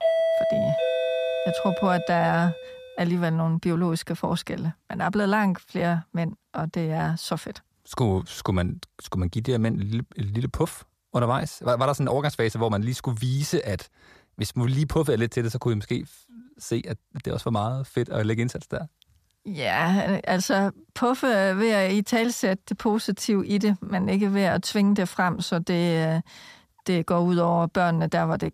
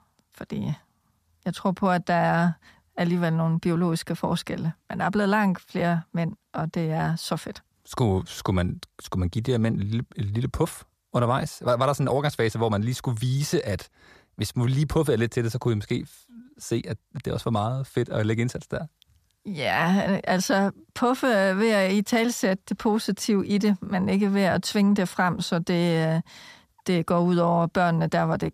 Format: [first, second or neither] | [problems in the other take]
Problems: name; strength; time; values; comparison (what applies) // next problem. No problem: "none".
second | doorbell; loud; until 2.5 s; peak 3 dB above the speech